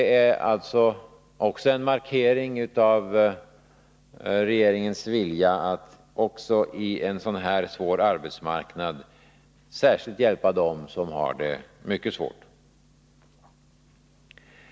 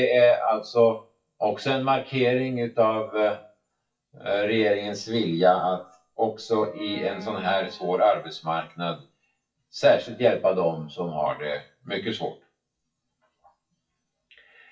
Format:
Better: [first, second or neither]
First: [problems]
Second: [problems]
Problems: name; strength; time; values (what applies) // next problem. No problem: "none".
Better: first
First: none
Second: noise reduction (classical method WPE with log-MMSE)